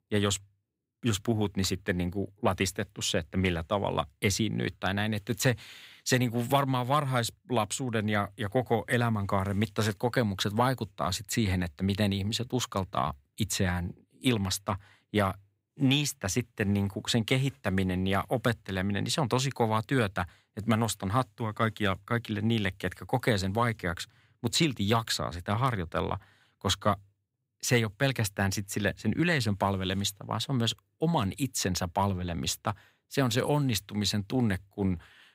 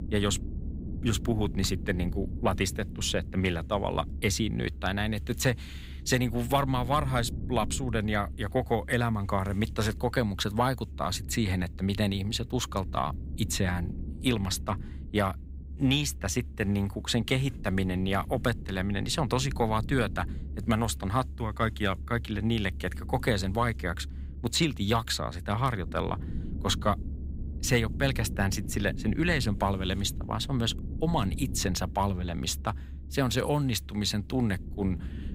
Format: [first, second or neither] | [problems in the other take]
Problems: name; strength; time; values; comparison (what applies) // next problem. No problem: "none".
first | low rumble; noticeable; throughout; 20 dB below the speech